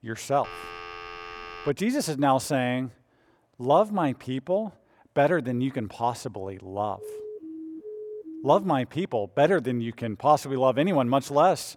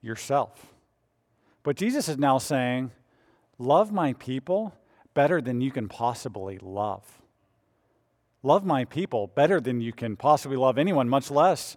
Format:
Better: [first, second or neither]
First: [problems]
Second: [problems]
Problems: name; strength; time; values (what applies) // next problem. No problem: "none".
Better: second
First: phone ringing; faint; until 1.5 s; peak 15 dB below the speech // siren; faint; from 7 to 8.5 s; peak 15 dB below the speech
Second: none